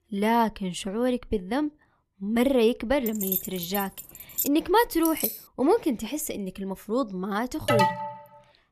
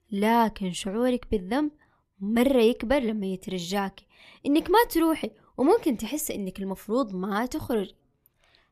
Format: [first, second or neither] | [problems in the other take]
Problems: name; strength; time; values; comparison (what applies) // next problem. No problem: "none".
second | jangling keys; noticeable; from 3 to 4.5 s and at 5 s; peak 1 dB below the speech // alarm; loud; at 7.5 s; peak 3 dB above the speech